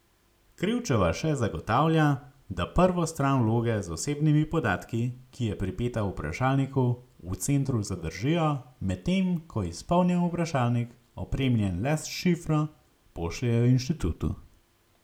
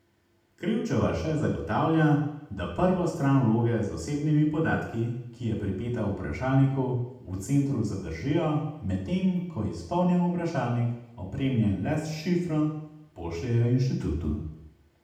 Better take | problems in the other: first | room echo; dies away in 0.8 s

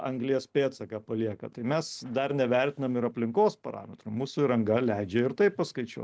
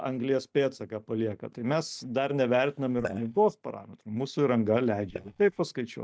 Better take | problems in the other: first | noise reduction (neural mask model DeepFilterNet 3)

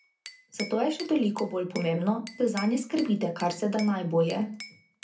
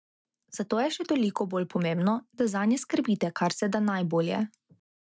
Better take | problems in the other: second | background sound (Glass / Bell); 18 dB below the speech // room echo; dies away in 0.3 s

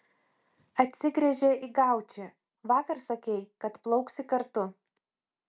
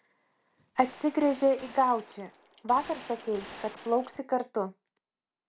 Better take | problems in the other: first | background sound (Gunshot, gunfire); 18 dB below the speech

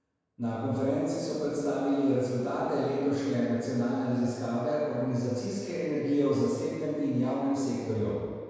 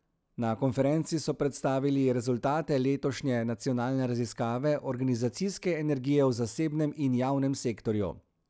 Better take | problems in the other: second | room echo; dies away in 1.9 s

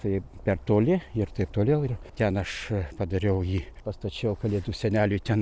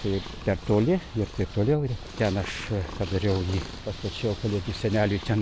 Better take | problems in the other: first | background sound (Bell / Train + Purr); 13 dB below the speech

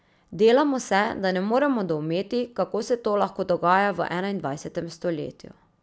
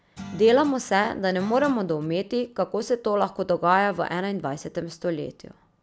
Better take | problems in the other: first | background sound (Guitar); 17 dB below the speech

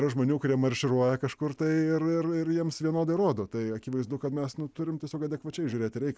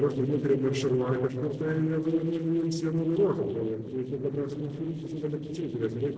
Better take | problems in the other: first | noise reduction (neural separator model SepFormer DNS4)

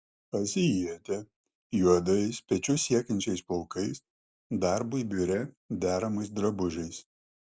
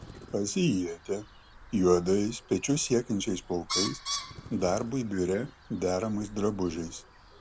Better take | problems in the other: first | background sound (Bird); 12 dB below the speech

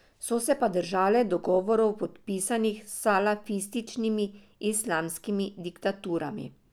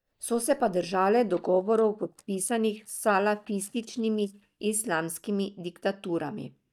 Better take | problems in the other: first | noise reduction (neural mask model DeepFilterNet 3)

